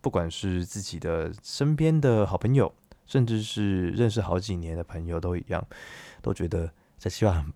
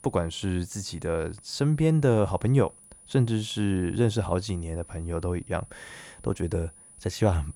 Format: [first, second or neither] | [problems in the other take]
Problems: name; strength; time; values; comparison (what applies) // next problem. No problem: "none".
first | high-pitched whine; faint; throughout; 9.5 kHz, 20 dB below the speech